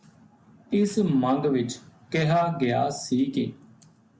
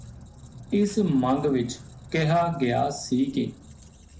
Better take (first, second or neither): first